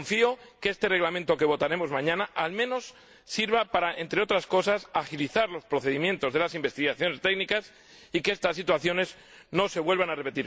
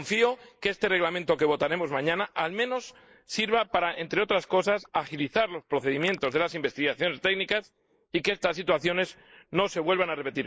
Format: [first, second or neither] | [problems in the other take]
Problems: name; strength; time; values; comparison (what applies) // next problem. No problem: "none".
first | noise reduction (neural mask model Resemble Enhance denoiser)